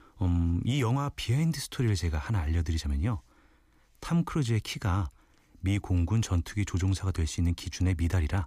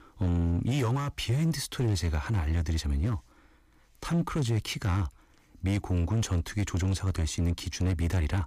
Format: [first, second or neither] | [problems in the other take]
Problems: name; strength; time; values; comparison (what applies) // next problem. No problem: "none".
first | distortion; slight; 17% of the sound clipped